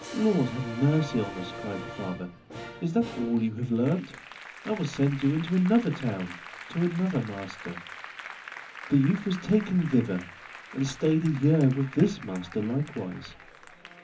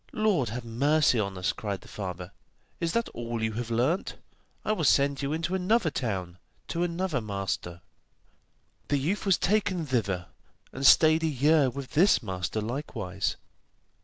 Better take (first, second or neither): second